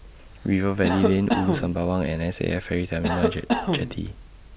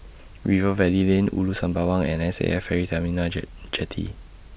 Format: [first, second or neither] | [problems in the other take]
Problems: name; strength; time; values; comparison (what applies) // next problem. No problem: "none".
second | background sound (Cough); 3 dB below the speech